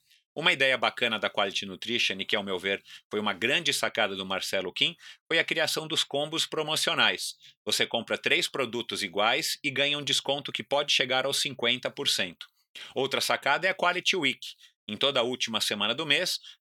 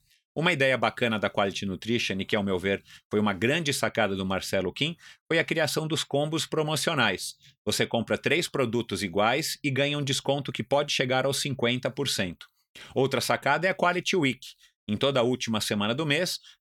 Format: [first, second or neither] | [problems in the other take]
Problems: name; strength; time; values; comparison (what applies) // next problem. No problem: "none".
second | thin; very slightly; fading below 950 Hz